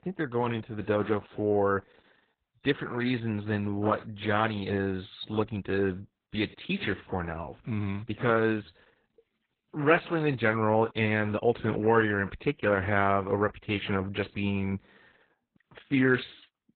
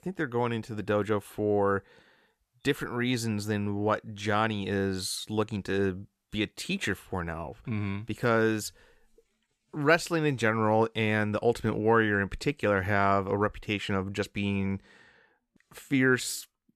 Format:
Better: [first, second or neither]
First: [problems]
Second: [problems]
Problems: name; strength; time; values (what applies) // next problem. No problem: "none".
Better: second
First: garbled, watery; badly; nothing above 4 kHz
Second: none